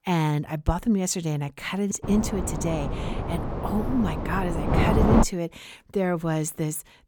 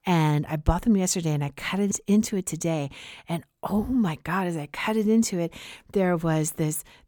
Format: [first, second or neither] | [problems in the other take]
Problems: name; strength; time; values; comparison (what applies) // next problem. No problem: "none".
second | wind noise on the microphone; heavy; from 2 to 5 s; as loud as the speech